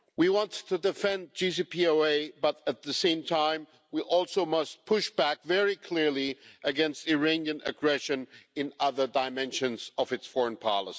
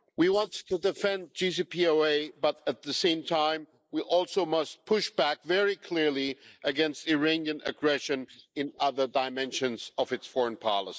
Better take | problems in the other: first | noise reduction (neural mask model Resemble Enhance denoiser)

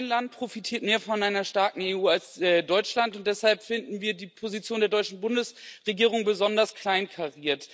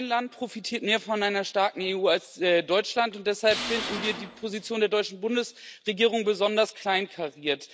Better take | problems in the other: first | background sound (Tools); 9 dB below the speech

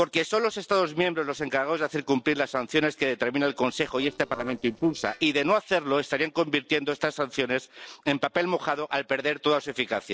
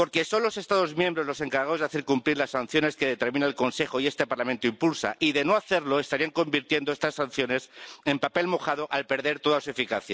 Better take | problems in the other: second | noise reduction (neural separator model SepFormer DNS4)

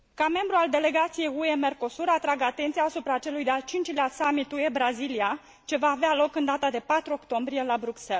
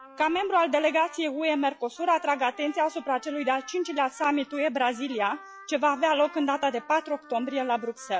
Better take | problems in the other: first | noise reduction (classical method log-MMSE)

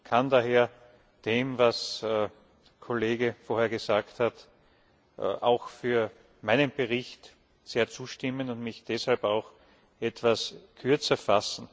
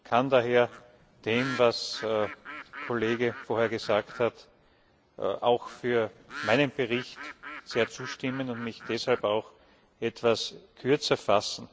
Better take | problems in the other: first | background sound (Bird); 14 dB below the speech

